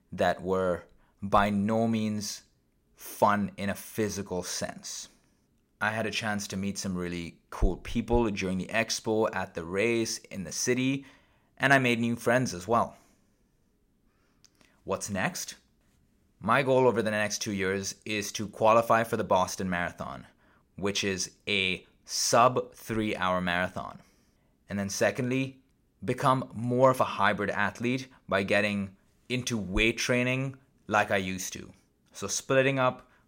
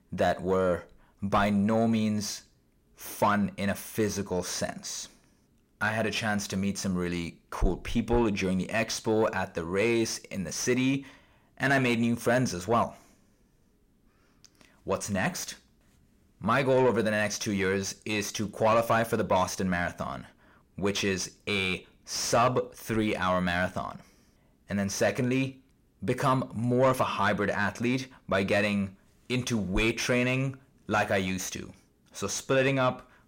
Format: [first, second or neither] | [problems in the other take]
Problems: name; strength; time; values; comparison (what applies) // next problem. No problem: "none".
first | distortion; slight; 10 dB below the speech